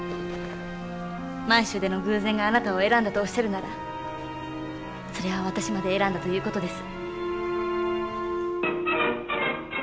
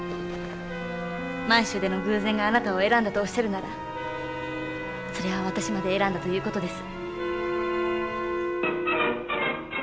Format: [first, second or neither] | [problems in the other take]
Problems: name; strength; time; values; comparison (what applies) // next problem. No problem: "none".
first | background sound (Wind instrument, woodwind instrument); 11 dB below the speech